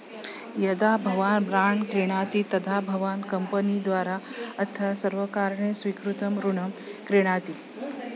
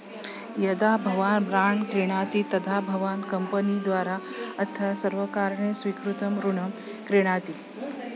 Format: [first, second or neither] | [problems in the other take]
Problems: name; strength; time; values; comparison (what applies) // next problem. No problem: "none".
first | background sound (Wind instrument, woodwind instrument); 16 dB below the speech